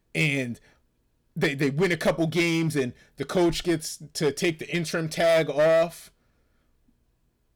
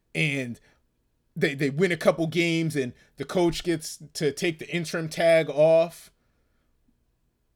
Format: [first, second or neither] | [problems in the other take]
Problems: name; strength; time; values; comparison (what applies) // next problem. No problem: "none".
second | distortion; slight; 6% of the sound clipped